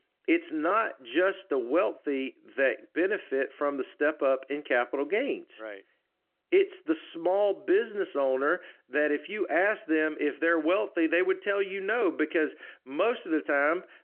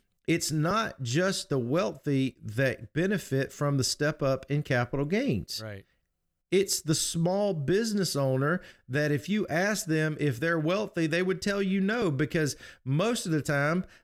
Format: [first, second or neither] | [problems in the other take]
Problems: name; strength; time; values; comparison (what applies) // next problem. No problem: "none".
second | phone-call audio